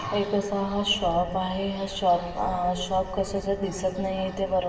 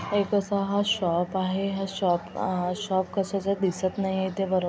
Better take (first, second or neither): second